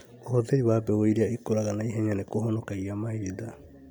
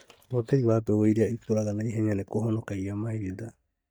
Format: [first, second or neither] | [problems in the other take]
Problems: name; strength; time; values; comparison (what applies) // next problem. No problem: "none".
first | noise reduction (neural mask model DeepFilterNet 3)